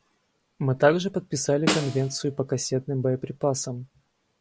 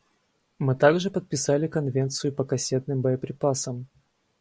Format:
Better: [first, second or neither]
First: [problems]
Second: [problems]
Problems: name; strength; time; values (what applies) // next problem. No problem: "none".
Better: second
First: background sound (Snare drum); 7 dB below the speech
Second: none